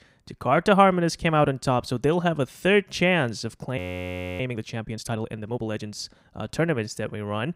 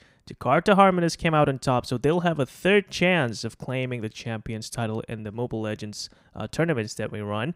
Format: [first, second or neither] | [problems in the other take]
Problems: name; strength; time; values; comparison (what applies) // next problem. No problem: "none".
second | audio freezing; at 4 s for 0.5 s